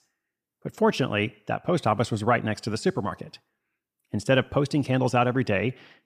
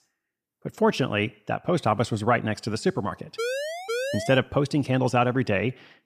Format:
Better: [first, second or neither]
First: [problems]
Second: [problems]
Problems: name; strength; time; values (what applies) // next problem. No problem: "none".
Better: first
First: none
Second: siren; noticeable; from 3.5 to 4.5 s; peak 4 dB below the speech